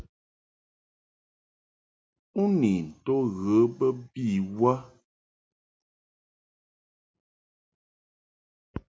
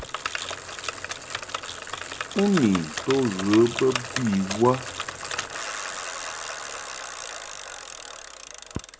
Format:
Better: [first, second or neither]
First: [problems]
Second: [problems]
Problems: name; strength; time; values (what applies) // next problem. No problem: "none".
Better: first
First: none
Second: background sound (Bicycle); 6 dB below the speech